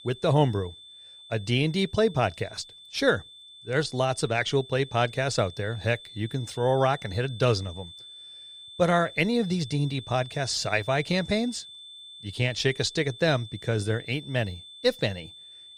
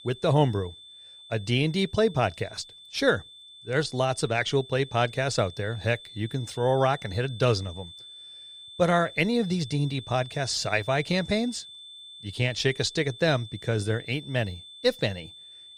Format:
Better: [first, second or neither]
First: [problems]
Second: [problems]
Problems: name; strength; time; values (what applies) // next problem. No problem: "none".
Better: neither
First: high-pitched whine; noticeable; throughout; 3.5 kHz, 15 dB below the speech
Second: high-pitched whine; noticeable; throughout; 3.5 kHz, 15 dB below the speech